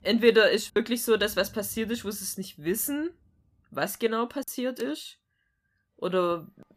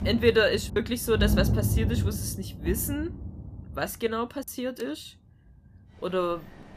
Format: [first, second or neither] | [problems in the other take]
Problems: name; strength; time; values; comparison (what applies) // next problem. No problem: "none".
first | rain or running water; loud; throughout; 2 dB below the speech; faint in the first